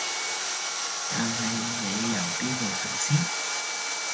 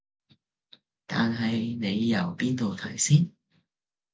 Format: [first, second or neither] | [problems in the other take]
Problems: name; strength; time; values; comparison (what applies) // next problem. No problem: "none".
second | background sound (Sawing); 3 dB above the speech